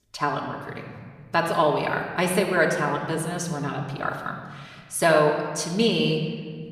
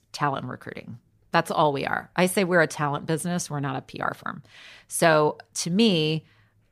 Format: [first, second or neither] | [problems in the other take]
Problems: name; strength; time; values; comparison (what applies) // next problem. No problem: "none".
second | room echo; slight; dies away in 1.5 s // off-mic speech; somewhat distant